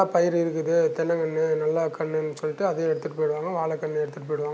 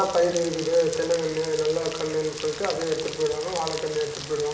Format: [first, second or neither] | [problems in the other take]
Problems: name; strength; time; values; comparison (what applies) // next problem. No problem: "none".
first | background sound (Rain); 11 dB below the speech // room echo; dies away in 1 s